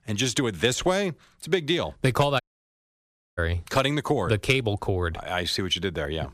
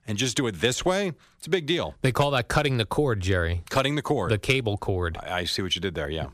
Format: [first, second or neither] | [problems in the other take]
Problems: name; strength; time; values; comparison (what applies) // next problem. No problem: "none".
second | audio cutting out; at 2.5 s for 1 s